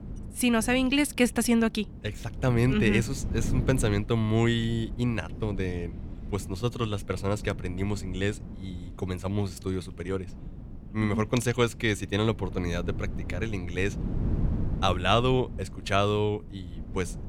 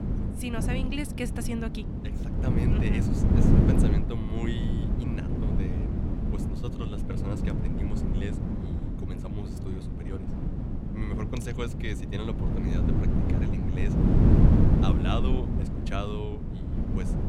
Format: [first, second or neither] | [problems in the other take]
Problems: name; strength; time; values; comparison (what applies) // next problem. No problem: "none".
first | wind noise on the microphone; heavy; 3 dB above the speech; occasional gusts in the first